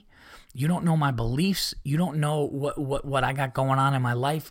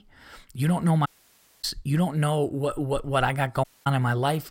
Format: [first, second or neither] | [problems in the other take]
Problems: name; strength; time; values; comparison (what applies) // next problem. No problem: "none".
first | audio cutting out; at 1 s for 0.5 s and at 3.5 s